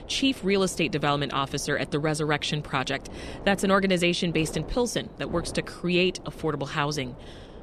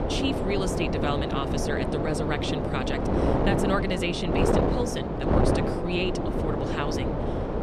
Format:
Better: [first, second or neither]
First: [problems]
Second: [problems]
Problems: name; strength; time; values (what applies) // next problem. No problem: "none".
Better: first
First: wind noise on the microphone; occasional gusts; 20 dB below the speech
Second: wind noise on the microphone; heavy; 2 dB above the speech